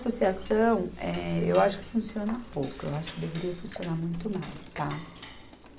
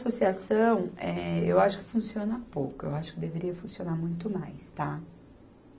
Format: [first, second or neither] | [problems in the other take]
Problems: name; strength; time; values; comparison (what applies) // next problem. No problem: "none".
second | background sound (Cutlery, silverware / Dishes, pots, and pans); 14 dB below the speech